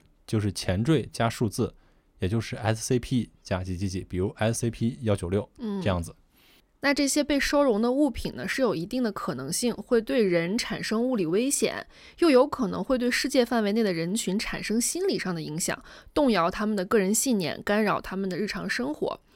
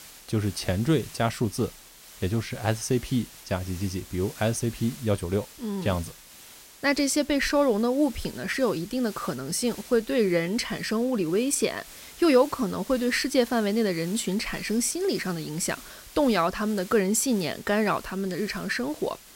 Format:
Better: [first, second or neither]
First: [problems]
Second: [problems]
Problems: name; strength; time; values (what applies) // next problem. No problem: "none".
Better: first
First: none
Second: hiss; noticeable; throughout; 20 dB below the speech